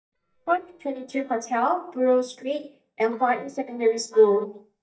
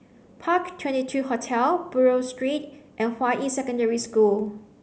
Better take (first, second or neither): second